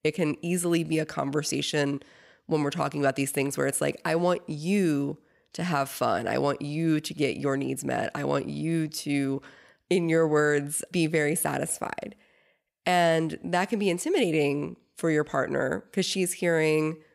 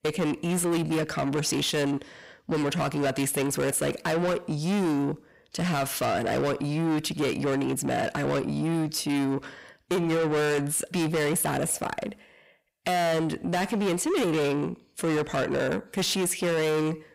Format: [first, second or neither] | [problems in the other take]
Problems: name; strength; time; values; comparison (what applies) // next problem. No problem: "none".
first | distortion; heavy; 7 dB below the speech